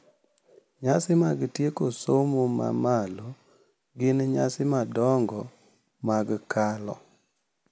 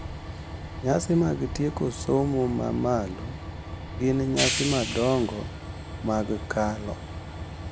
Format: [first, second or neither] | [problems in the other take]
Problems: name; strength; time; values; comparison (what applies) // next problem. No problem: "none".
first | background sound (Train); 7 dB below the speech